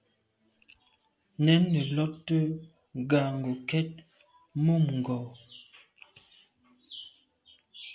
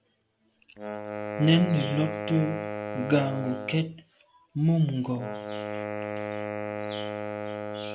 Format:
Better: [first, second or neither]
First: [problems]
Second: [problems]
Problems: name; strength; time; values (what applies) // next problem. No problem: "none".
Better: first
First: none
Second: background sound (Wind instrument, woodwind instrument); 6 dB below the speech